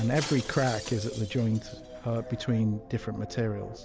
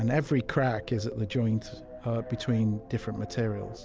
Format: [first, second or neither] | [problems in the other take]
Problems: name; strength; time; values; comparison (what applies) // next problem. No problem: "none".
second | background sound (Shatter); 16 dB below the speech